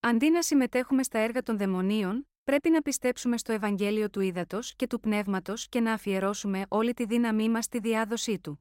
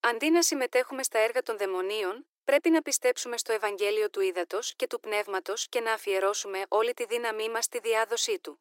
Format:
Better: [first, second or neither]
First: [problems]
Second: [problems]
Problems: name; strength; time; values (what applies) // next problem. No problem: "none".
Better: first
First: none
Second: thin; very; fading below 350 Hz